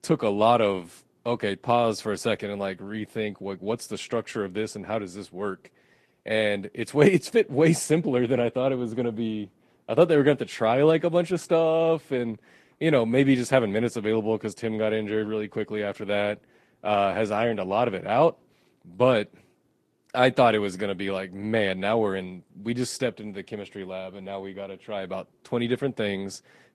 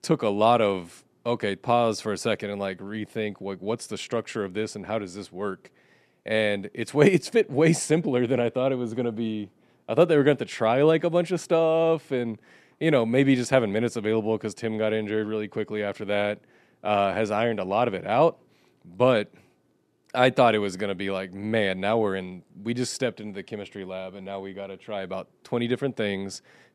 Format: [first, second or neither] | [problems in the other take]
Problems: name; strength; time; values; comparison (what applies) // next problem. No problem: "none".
second | garbled, watery; slightly; nothing above 13.5 kHz